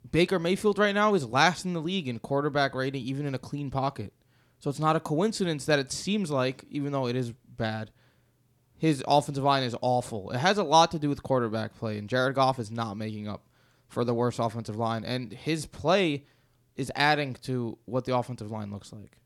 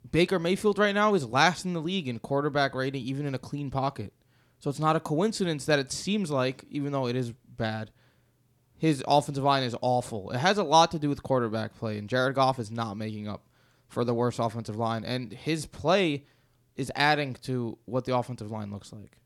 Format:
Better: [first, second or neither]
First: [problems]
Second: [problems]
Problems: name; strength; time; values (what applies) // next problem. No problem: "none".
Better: neither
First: none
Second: none